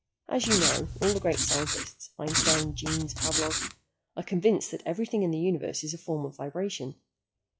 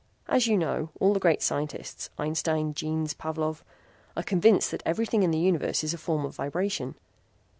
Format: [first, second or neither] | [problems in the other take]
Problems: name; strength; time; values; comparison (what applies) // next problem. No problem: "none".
second | noise reduction (classical method WPE with log-MMSE)